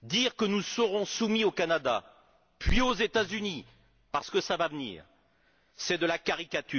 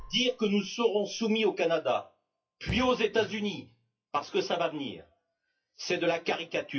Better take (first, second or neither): first